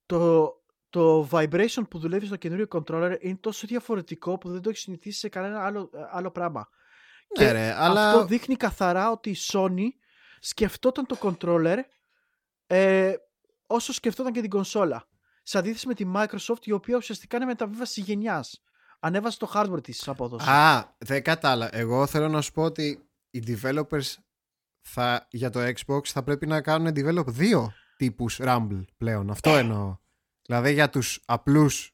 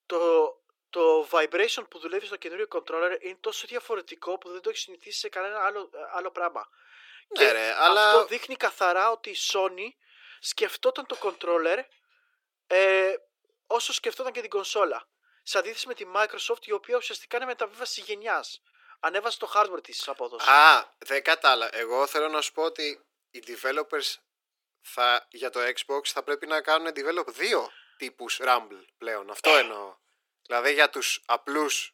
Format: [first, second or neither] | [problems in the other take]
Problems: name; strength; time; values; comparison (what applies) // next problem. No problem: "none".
first | thin; very; fading below 350 Hz